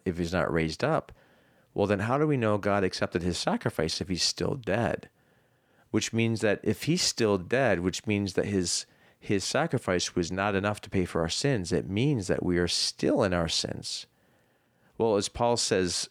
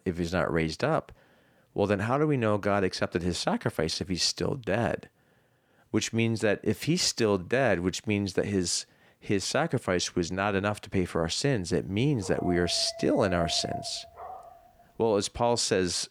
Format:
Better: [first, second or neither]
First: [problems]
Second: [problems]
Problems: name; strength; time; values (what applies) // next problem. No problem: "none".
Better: first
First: none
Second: dog barking; noticeable; from 12 to 15 s; peak 9 dB below the speech